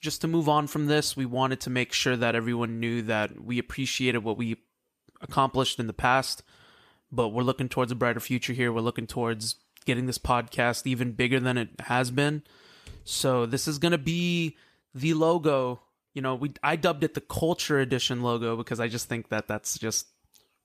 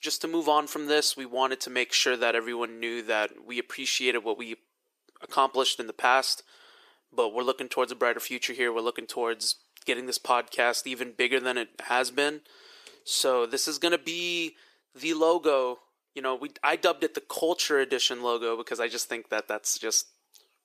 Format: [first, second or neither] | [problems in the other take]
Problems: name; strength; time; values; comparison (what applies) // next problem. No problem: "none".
first | thin; somewhat; fading below 350 Hz